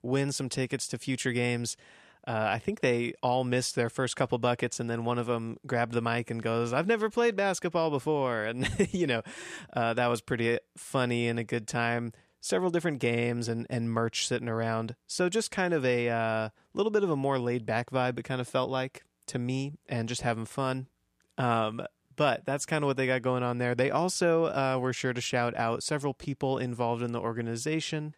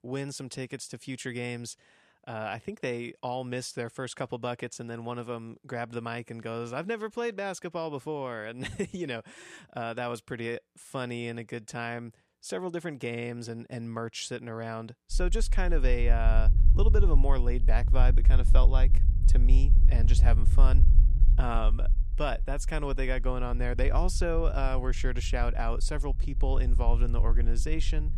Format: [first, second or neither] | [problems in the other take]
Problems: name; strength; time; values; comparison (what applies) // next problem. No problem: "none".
first | low rumble; noticeable; from 15 s on; 15 dB below the speech